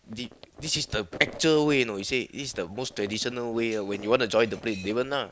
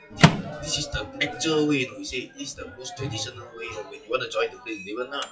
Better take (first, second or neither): first